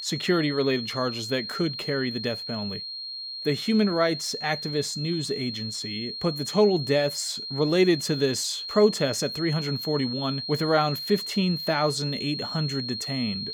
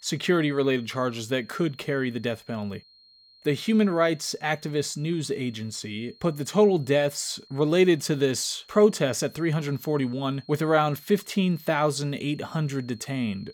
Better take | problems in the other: second | high-pitched whine; loud; throughout; 4 kHz, 6 dB below the speech; faint in the second

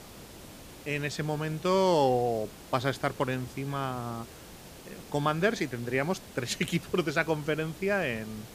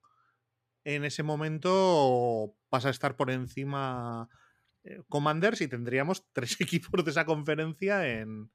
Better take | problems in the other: second | hiss; noticeable; throughout; 15 dB below the speech

